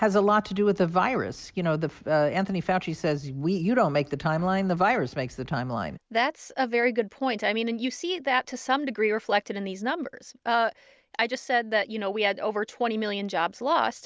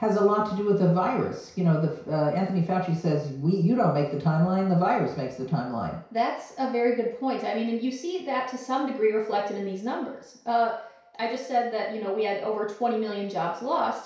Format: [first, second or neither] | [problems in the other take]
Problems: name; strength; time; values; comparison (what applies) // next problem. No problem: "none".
first | room echo; dies away in 0.6 s